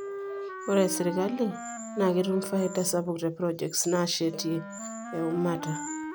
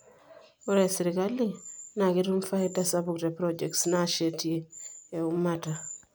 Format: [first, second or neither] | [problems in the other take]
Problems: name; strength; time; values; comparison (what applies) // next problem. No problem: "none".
second | background sound (Wind instrument, woodwind instrument); 10 dB below the speech